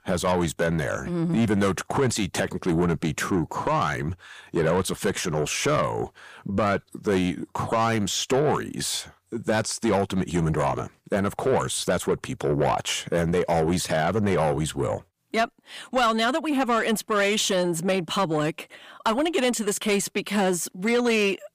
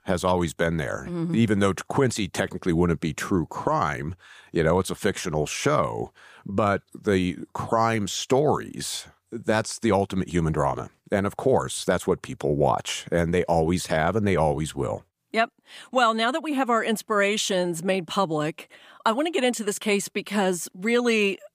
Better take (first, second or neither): second